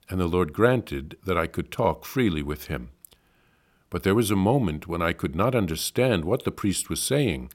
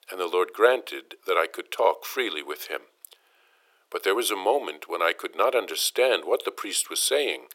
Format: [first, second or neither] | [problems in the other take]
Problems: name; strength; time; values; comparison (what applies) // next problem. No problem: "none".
first | thin; very; fading below 400 Hz